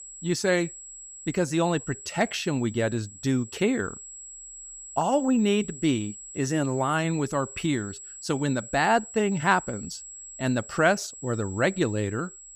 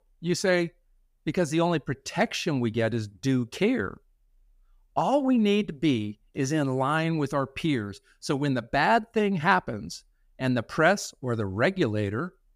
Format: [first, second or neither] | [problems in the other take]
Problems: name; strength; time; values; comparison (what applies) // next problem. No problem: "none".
second | high-pitched whine; noticeable; throughout; 7.5 kHz, 15 dB below the speech